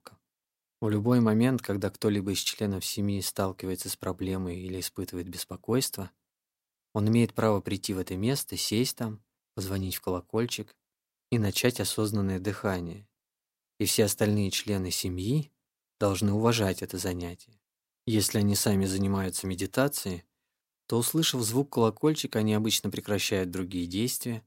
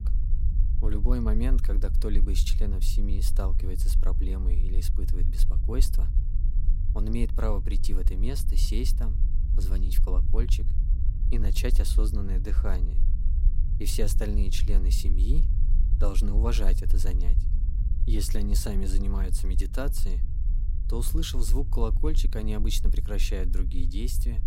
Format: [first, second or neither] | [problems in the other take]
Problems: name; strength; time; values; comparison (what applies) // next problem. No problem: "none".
first | low rumble; noticeable; throughout; 10 dB below the speech